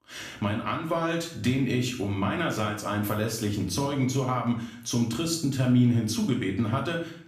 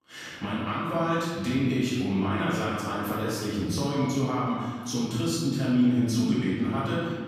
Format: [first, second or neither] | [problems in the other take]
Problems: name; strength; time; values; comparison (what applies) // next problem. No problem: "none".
first | room echo; strong; dies away in 1.6 s; slight in the first // off-mic speech; far; somewhat distant in the first